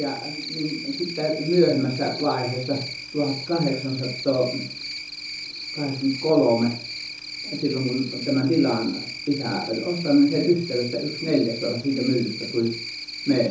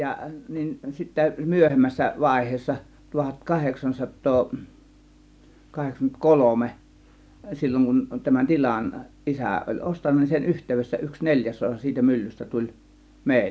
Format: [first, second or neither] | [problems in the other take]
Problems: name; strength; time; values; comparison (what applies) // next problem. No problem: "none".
second | background sound (Cricket); 10 dB below the speech // room echo; dies away in 0.6 s